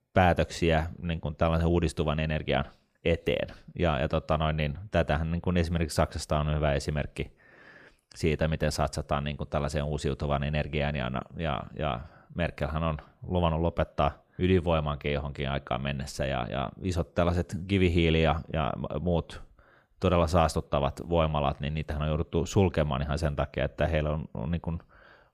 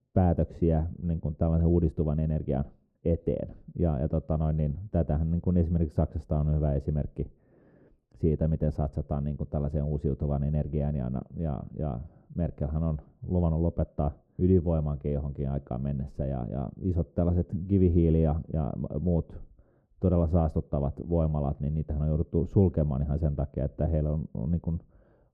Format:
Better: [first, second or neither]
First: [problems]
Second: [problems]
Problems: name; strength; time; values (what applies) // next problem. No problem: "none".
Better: first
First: none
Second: muffled; very; fading above 1 kHz